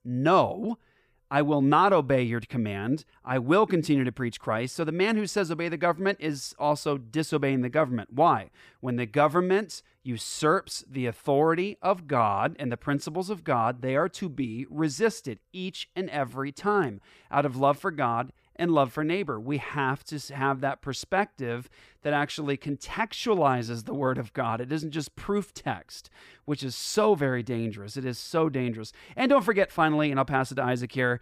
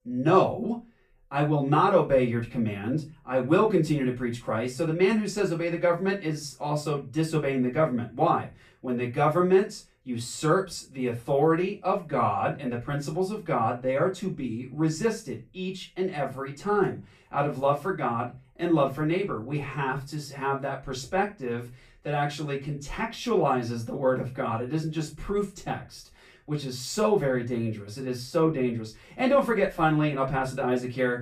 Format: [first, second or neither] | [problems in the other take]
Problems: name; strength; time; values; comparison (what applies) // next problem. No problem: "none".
first | off-mic speech; far // room echo; slight; dies away in 0.2 s